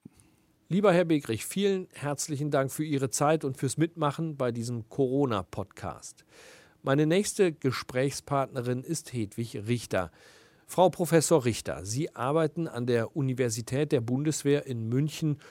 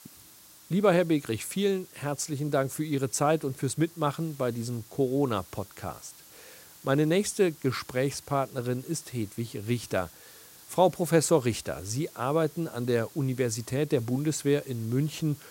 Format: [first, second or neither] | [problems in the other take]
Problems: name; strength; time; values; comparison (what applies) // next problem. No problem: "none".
first | hiss; faint; throughout; 20 dB below the speech